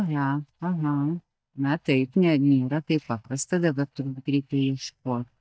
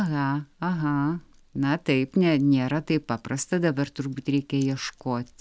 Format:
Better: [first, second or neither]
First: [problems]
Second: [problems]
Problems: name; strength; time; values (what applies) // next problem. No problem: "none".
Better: second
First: noise reduction (neural mask model DeepFilterNet 3)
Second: none